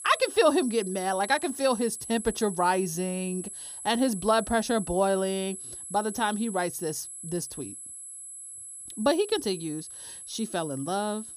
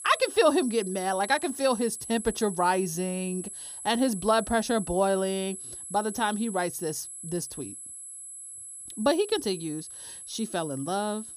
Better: neither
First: high-pitched whine; noticeable; throughout; 11 kHz, 10 dB below the speech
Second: high-pitched whine; noticeable; throughout; 11 kHz, 10 dB below the speech

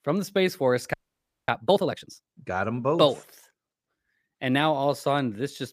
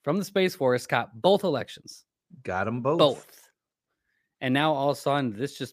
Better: second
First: audio freezing; at 1 s for 0.5 s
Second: none

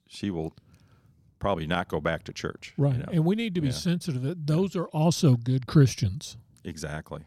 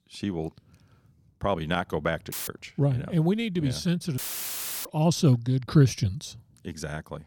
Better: first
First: none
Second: audio cutting out; filled with static; at 2.5 s and at 4 s for 0.5 s

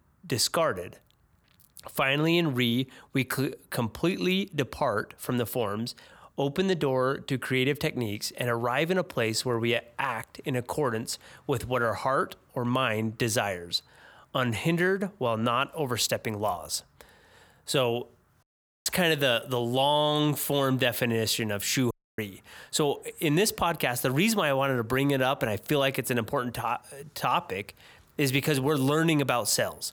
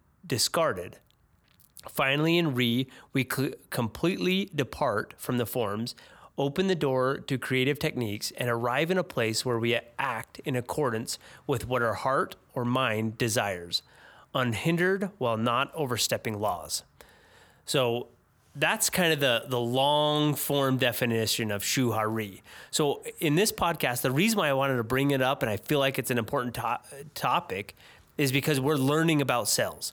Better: second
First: audio cutting out; at 18 s and at 22 s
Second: none

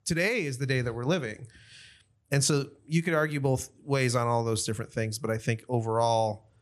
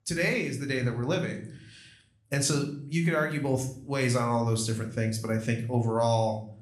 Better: first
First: none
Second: room echo; slight; dies away in 0.5 s

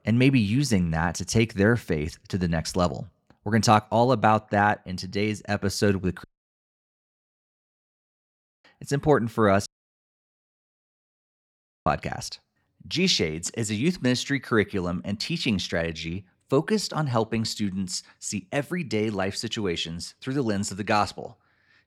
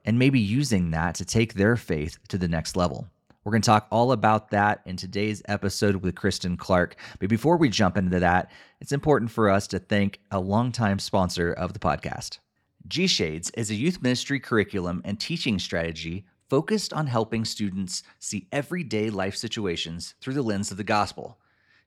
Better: second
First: audio cutting out; at 6 s for 2.5 s and at 9.5 s for 2 s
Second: none

